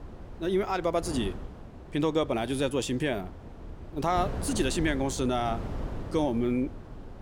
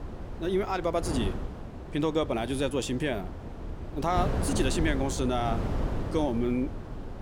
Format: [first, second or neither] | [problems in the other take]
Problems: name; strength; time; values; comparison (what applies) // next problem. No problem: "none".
first | wind noise on the microphone; heavy; 9 dB below the speech; occasional gusts in the first